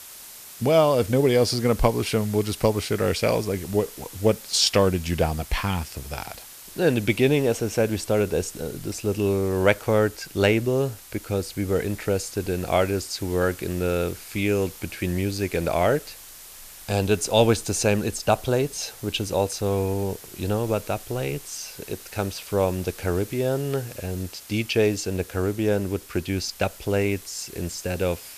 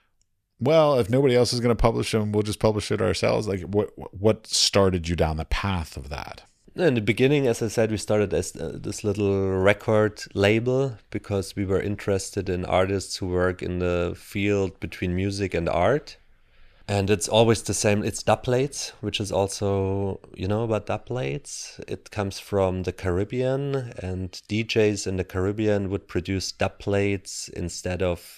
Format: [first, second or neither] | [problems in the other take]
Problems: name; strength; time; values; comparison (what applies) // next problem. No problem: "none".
second | hiss; noticeable; throughout; 15 dB below the speech